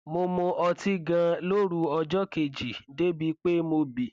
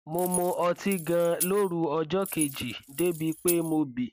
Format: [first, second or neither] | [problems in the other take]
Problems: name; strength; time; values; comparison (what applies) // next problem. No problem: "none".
first | background sound (Keys jangling); 10 dB below the speech